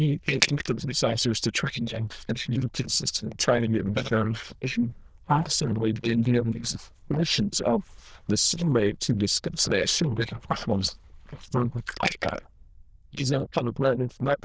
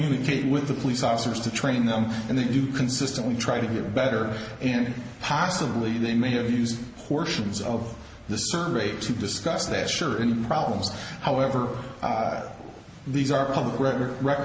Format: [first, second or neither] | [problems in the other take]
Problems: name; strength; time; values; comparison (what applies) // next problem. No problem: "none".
second | noise reduction (neural diffusion model UNIVERSE++)